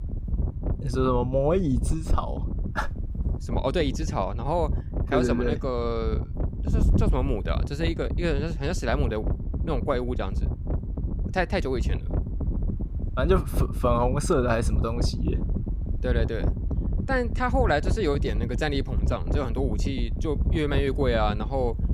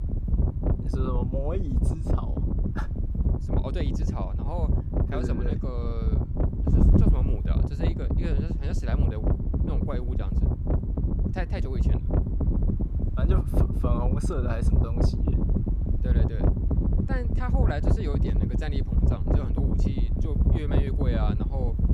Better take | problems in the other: first | wind noise on the microphone; heavy; 1 dB above the speech; occasional gusts in the first

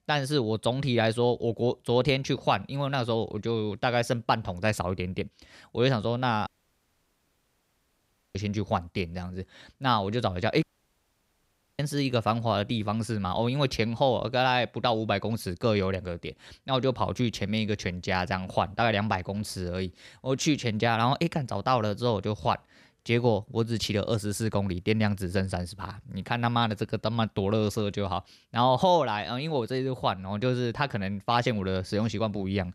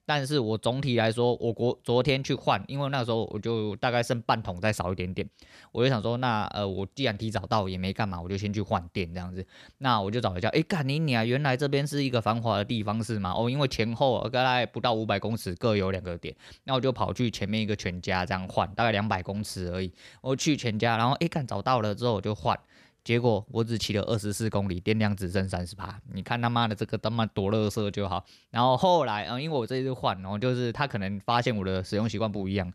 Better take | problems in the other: second | audio cutting out; at 6.5 s for 2 s and at 11 s for 1 s

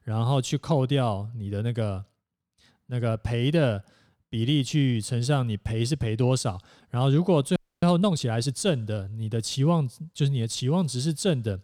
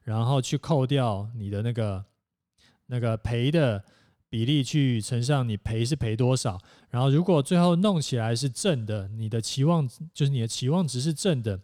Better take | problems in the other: second | audio freezing; at 7.5 s

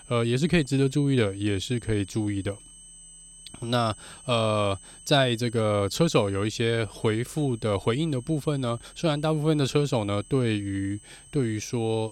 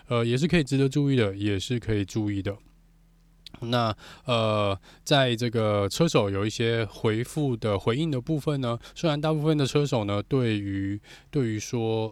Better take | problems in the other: second | high-pitched whine; faint; throughout; 8 kHz, 20 dB below the speech

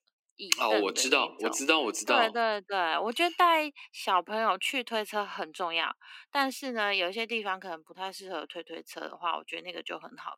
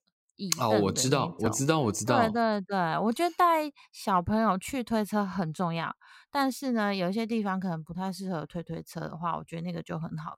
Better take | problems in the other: second | thin; somewhat; fading below 300 Hz

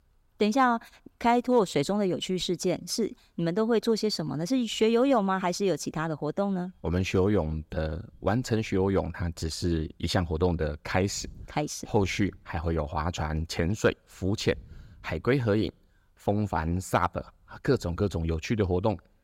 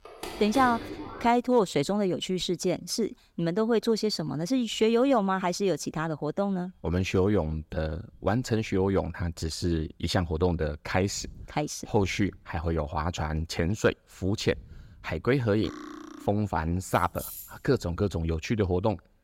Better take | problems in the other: first | phone ringing; noticeable; until 1.5 s; peak 8 dB below the speech // clattering dishes; faint; at 16 s; peak 15 dB below the speech // jangling keys; faint; at 17 s; peak 10 dB below the speech

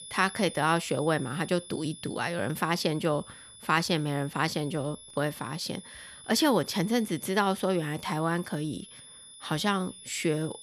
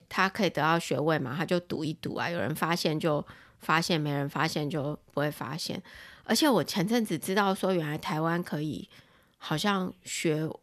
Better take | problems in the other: second | high-pitched whine; noticeable; throughout; 10.5 kHz, 15 dB below the speech

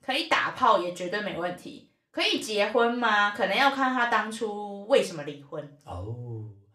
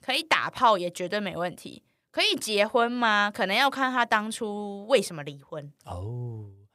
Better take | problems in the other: second | room echo; slight; dies away in 0.3 s // off-mic speech; somewhat distant

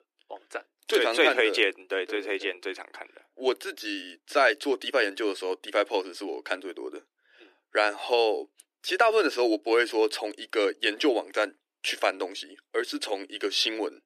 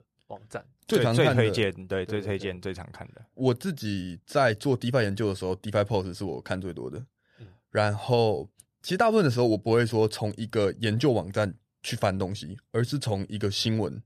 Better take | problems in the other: second | thin; very; fading below 300 Hz

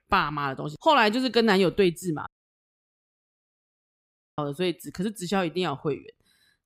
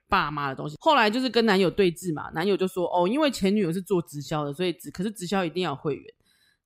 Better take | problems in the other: second | audio cutting out; at 2.5 s for 2 s

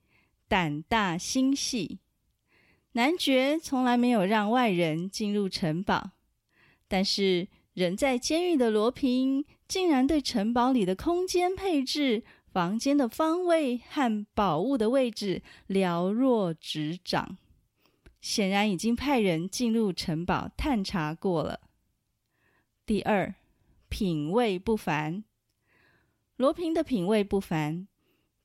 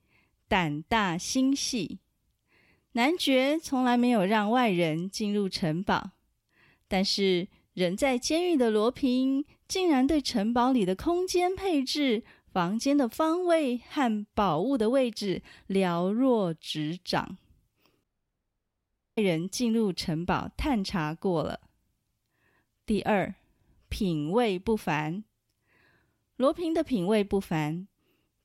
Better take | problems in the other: first | audio cutting out; at 18 s for 1 s

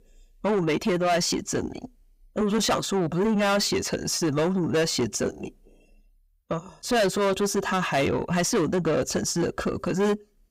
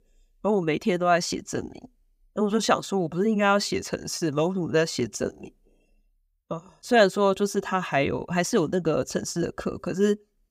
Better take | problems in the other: second | distortion; heavy; 7 dB below the speech

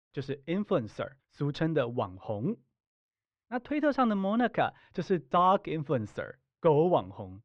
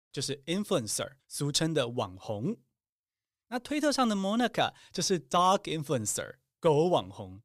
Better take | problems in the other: second | muffled; very; fading above 2.5 kHz

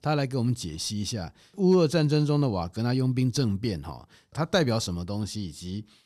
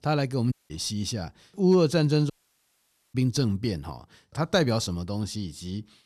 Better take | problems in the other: first | audio cutting out; at 0.5 s and at 2.5 s for 1 s

